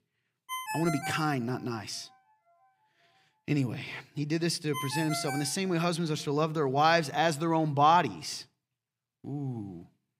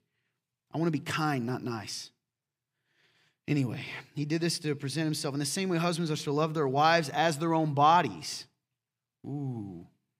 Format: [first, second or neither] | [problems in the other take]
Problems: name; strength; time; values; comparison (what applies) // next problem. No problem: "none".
second | phone ringing; noticeable; until 5.5 s; peak 6 dB below the speech